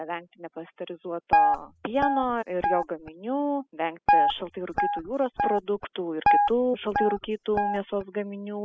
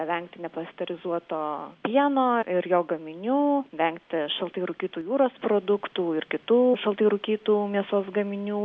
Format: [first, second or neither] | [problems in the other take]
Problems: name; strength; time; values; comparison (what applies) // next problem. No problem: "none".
second | noise reduction (classical method spectral subtraction)